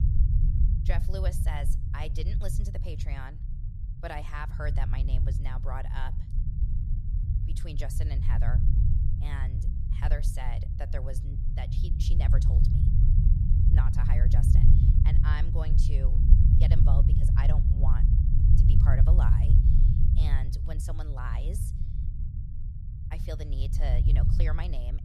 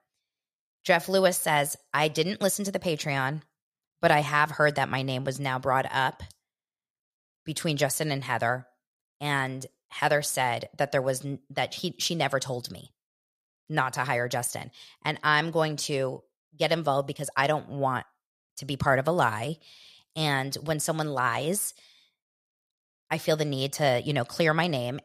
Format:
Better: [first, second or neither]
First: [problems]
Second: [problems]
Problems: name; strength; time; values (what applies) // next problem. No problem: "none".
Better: second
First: low rumble; loud; throughout; 1 dB below the speech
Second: none